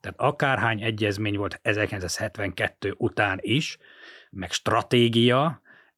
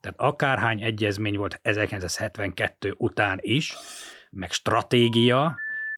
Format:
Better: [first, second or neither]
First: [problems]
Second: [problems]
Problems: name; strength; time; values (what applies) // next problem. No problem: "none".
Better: first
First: none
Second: clattering dishes; faint; at 3.5 s; peak 15 dB below the speech // phone ringing; noticeable; at 5 s; peak 5 dB below the speech